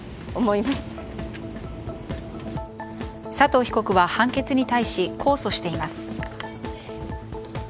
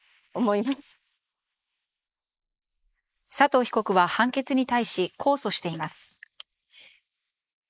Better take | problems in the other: first | noise reduction (neural mask model Resemble Enhance denoiser)

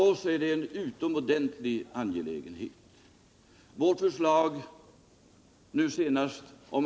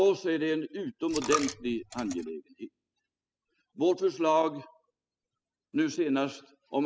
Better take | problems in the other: first | noise reduction (classical method spectral subtraction)

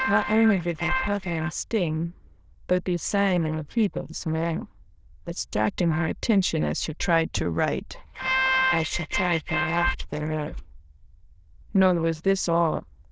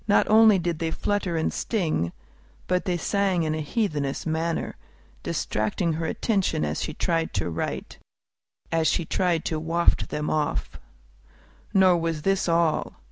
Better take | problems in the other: second | noise reduction (neural diffusion model UNIVERSE++)

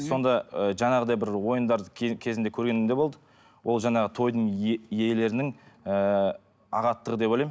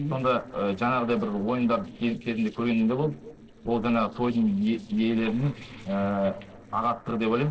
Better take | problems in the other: first | noise reduction (neural separator model SepFormer DNS4)

